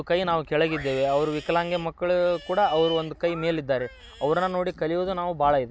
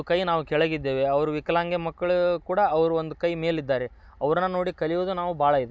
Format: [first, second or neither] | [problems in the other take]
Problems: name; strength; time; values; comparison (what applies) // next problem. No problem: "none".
second | background sound (Livestock, farm animals, working animals); 18 dB below the speech